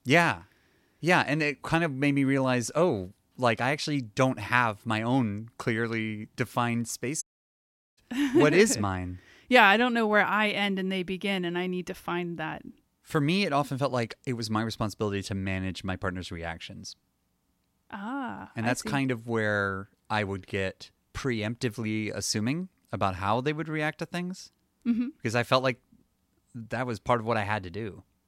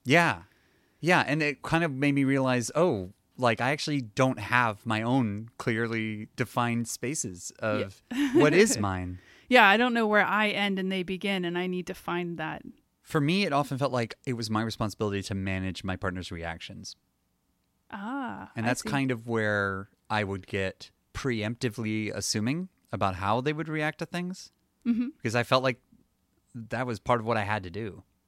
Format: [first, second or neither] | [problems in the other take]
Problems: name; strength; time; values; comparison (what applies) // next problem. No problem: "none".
second | audio cutting out; at 7 s for 1 s